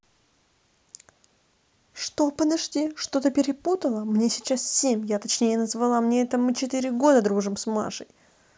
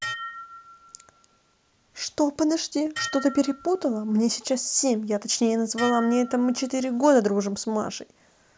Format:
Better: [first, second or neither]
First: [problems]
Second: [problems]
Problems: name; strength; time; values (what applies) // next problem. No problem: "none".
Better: first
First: none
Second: background sound (Dishes, pots, and pans); 15 dB below the speech